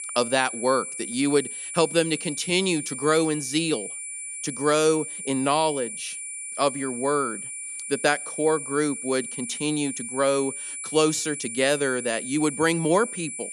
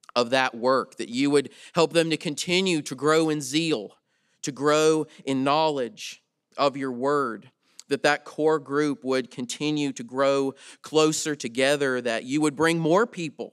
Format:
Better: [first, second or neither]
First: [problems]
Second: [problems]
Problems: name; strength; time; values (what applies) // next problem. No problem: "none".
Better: second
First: high-pitched whine; loud; throughout; 9.5 kHz, 7 dB below the speech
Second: none